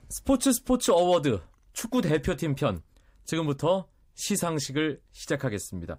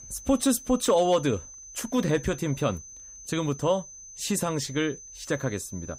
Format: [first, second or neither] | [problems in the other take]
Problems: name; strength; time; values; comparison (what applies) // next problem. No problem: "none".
first | high-pitched whine; noticeable; throughout; 6 kHz, 15 dB below the speech